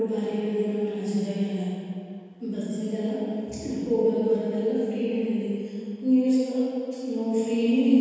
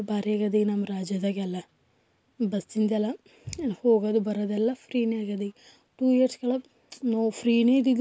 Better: second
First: room echo; dies away in 2.1 s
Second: none

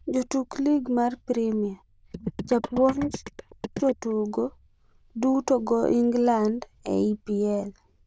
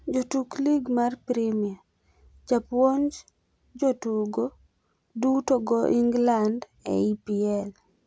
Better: second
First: noise reduction (neural diffusion model UNIVERSE++)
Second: none

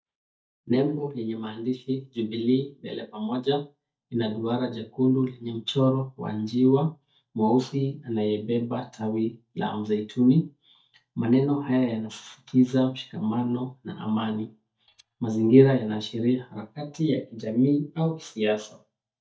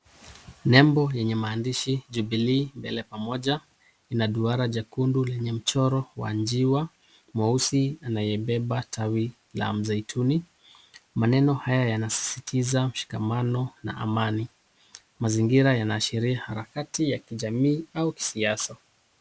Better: second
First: noise reduction (neural mask model DeepFilterNet 3)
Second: none

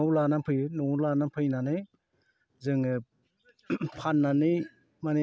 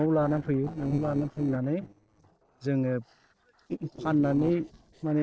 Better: first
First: none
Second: noise reduction (neural separator model SepFormer DNS4)

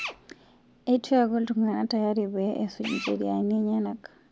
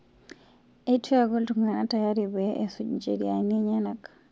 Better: second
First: background sound (Drill); 17 dB below the speech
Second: none

